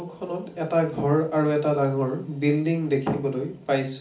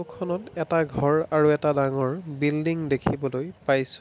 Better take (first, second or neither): second